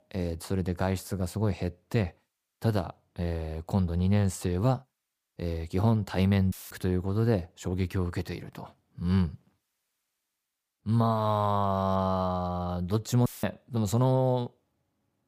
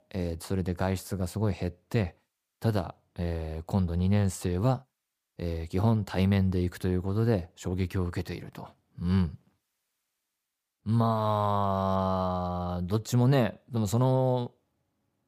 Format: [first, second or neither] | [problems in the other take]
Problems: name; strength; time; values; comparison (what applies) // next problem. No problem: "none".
second | audio cutting out; filled with static; at 6.5 s and at 13 s